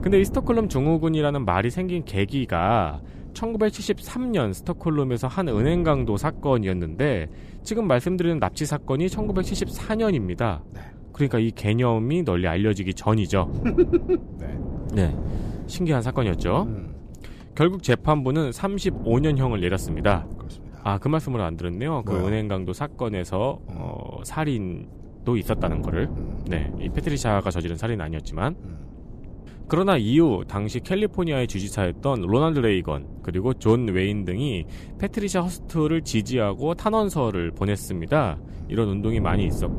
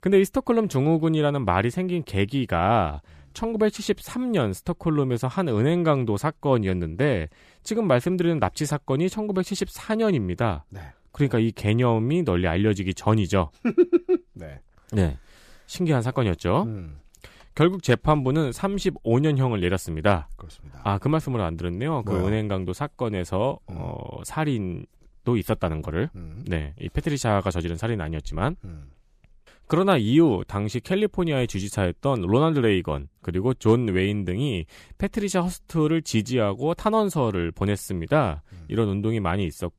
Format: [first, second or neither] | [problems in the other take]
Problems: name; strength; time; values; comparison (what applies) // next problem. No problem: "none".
second | wind noise on the microphone; occasional gusts; 20 dB below the speech